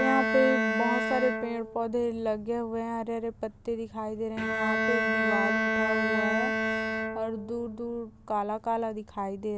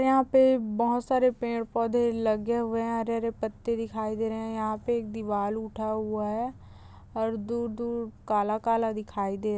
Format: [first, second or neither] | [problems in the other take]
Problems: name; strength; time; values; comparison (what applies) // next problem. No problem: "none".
second | background sound (Bowed string instrument); as loud as the speech